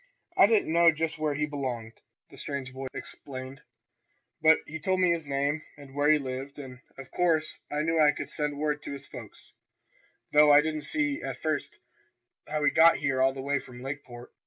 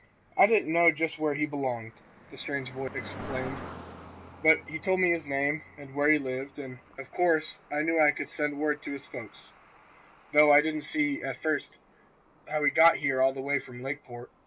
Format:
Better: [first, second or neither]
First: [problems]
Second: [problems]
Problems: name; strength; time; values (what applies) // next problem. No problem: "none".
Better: first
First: none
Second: background sound (Cricket); 19 dB below the speech